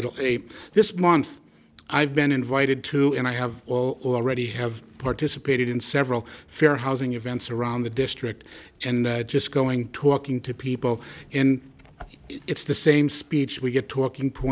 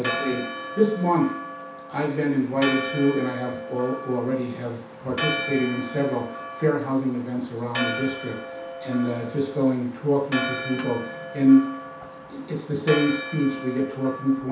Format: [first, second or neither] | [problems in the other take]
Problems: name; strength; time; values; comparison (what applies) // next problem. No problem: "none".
first | background sound (Church bell); 9 dB below the speech // room echo; dies away in 0.7 s